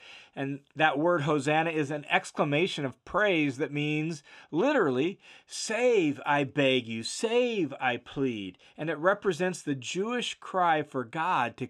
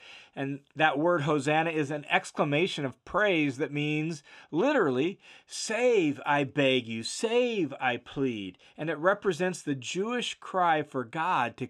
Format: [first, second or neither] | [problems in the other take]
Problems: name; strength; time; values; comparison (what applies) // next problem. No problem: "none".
neither | none